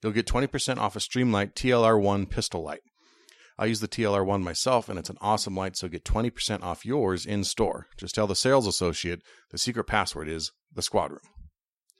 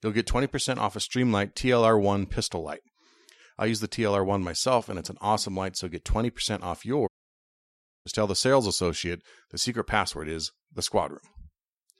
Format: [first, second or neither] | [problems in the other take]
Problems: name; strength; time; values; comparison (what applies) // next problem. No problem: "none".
first | audio cutting out; at 7 s for 1 s